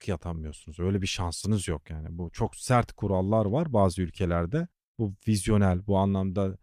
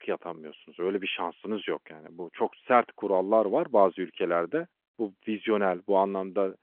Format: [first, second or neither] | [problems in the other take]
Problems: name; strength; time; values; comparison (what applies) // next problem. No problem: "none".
first | phone-call audio